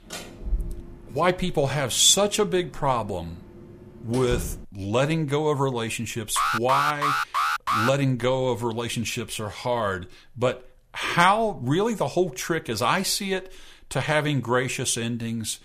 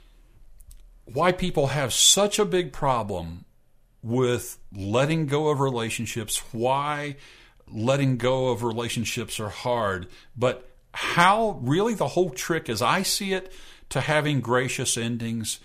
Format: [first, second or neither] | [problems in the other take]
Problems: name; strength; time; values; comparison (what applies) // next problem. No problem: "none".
second | door banging; noticeable; until 4.5 s; peak 8 dB below the speech // alarm; loud; from 6.5 to 8 s; peak 1 dB above the speech